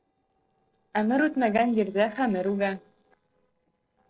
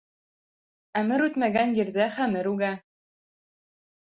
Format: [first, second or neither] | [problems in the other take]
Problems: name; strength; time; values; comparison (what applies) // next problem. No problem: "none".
second | noise reduction (neural separator model SepFormer DNS4)